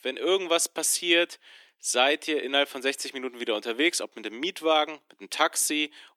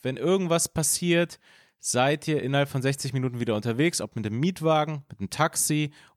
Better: second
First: thin; somewhat; fading below 300 Hz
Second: none

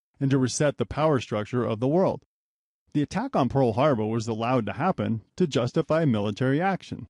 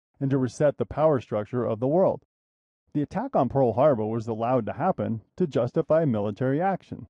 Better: first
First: none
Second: muffled; very; fading above 2 kHz

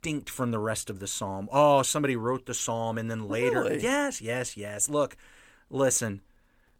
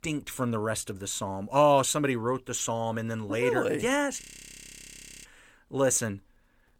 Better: first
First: none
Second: audio freezing; at 4 s for 1 s

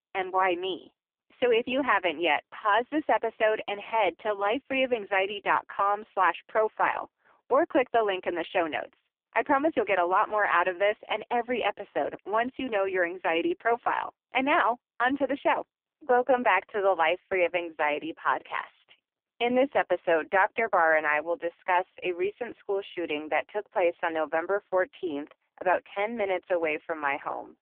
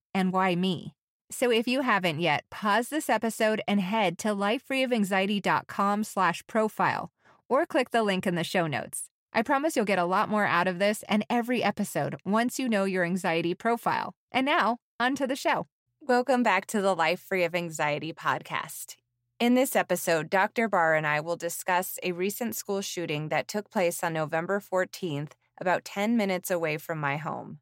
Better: second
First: phone-call audio; poor line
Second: none

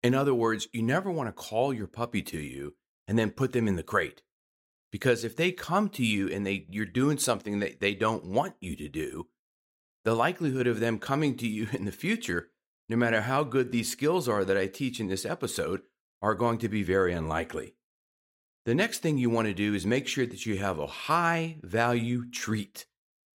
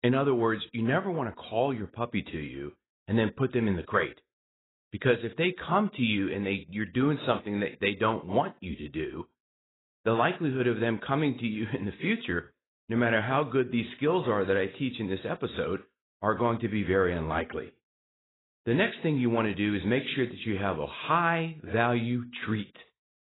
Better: first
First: none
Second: garbled, watery; badly; nothing above 4 kHz

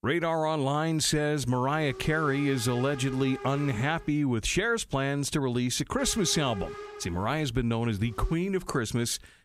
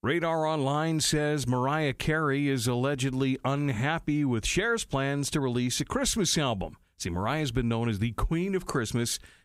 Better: second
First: hiss; noticeable; from 1.5 to 4 s and from 6 to 8.5 s; 15 dB below the speech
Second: none

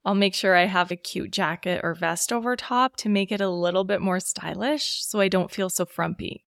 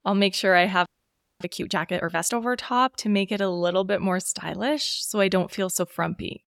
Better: first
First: none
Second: audio freezing; at 1 s for 0.5 s

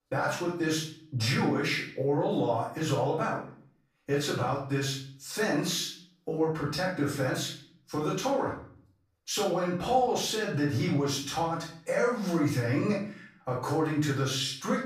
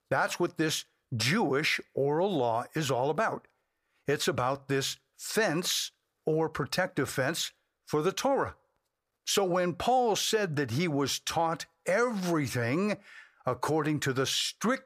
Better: second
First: off-mic speech; far // room echo; noticeable; dies away in 0.5 s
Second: none

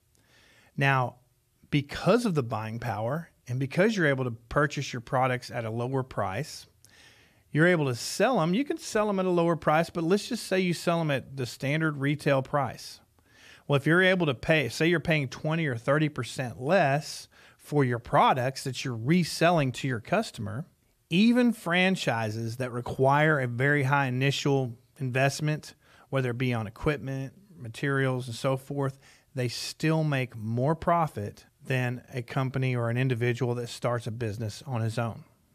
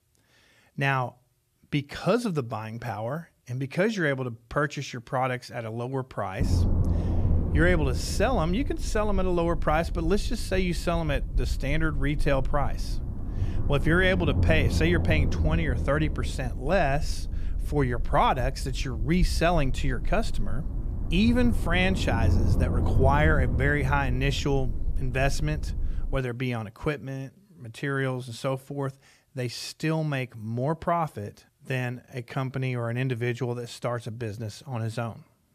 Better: first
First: none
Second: low rumble; noticeable; from 6.5 to 26 s; 15 dB below the speech

